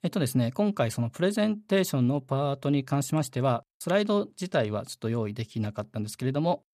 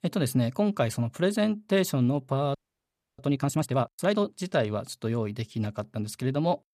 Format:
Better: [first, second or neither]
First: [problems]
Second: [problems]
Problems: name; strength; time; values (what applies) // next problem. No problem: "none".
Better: first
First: none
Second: audio freezing; at 2.5 s for 0.5 s